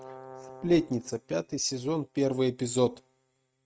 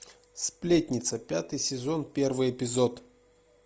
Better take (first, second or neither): second